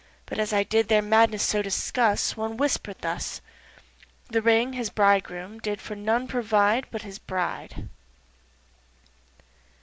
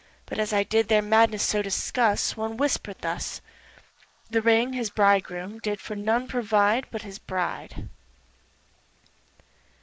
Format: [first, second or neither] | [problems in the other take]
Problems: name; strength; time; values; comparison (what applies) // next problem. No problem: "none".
first | noise reduction (neural mask model Resemble Enhance denoiser)